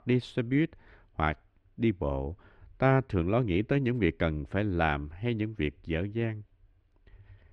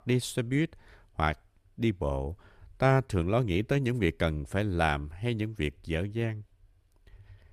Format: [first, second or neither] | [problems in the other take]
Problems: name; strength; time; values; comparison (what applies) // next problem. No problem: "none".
second | muffled; slightly; fading above 2.5 kHz